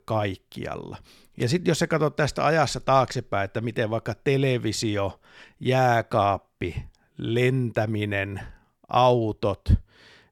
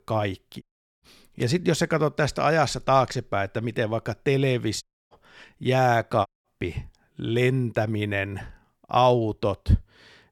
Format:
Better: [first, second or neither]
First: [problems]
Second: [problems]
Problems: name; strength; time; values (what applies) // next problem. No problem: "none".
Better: first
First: none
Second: audio cutting out; at 0.5 s, at 5 s and at 6.5 s